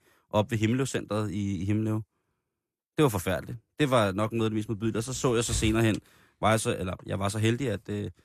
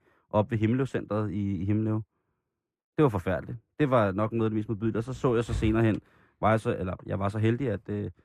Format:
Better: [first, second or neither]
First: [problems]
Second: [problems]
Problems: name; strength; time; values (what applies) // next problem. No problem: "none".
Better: first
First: none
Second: muffled; very; fading above 3 kHz